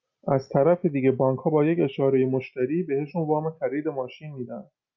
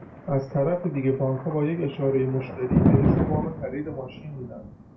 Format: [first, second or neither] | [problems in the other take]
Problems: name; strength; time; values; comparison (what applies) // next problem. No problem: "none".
first | background sound (Thunder); as loud as the speech // room echo; dies away in 0.3 s